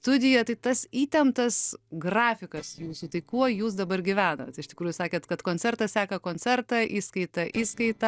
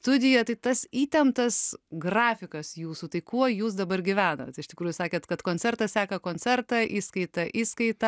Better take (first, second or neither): second